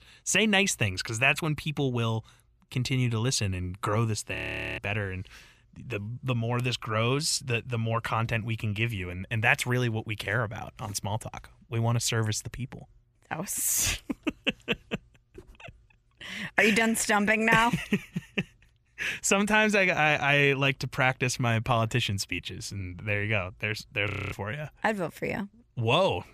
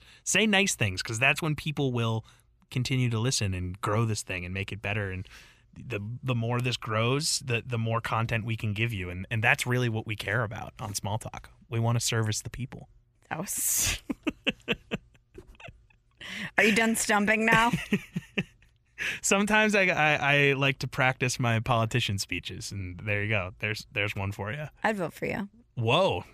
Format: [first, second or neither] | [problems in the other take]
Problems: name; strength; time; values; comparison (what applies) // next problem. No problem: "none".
second | audio freezing; at 4.5 s and at 24 s